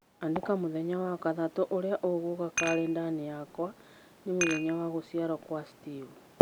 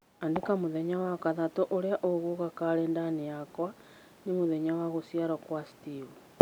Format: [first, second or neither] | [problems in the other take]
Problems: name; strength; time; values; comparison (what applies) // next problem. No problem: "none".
second | background sound (Dishes, pots, and pans); 7 dB below the speech